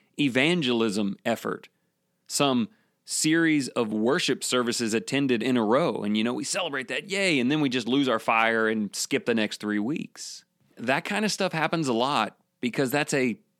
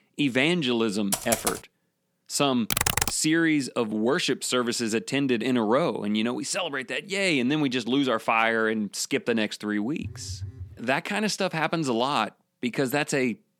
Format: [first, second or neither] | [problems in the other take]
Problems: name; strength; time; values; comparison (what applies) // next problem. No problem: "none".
first | keyboard typing; noticeable; at 1 s; peak 1 dB below the speech // keyboard typing; loud; at 2.5 s; peak 3 dB above the speech // phone ringing; faint; at 10 s; peak 10 dB below the speech